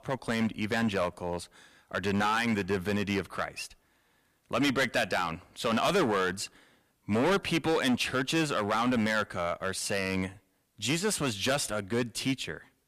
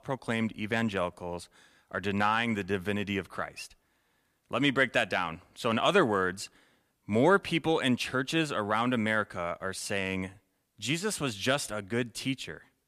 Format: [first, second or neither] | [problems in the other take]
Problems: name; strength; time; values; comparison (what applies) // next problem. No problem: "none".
second | distortion; heavy; 8% of the sound clipped